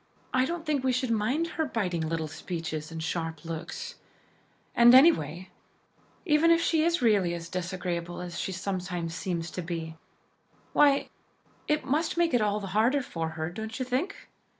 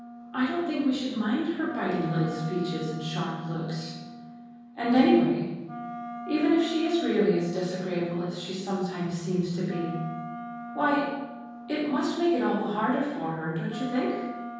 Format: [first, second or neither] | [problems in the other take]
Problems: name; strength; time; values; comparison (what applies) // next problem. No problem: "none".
first | background sound (Wind instrument, woodwind instrument); 13 dB below the speech // room echo; dies away in 1.3 s